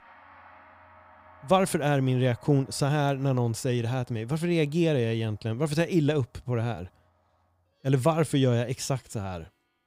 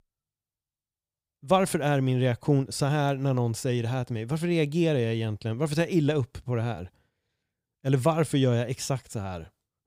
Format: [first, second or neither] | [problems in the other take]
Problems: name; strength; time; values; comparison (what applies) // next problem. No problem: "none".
second | background music; faint; throughout; 30 dB below the speech